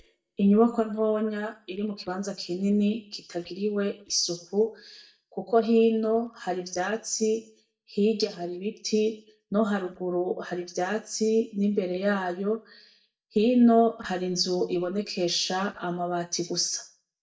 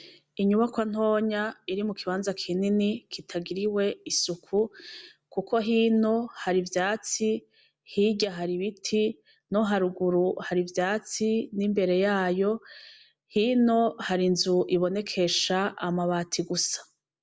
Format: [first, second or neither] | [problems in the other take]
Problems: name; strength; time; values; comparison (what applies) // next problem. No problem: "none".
second | noise reduction (neural mask model DeepFilterNet 3)